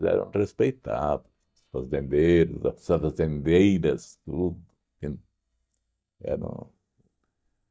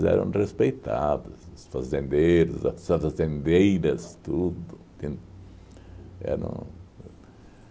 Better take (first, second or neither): second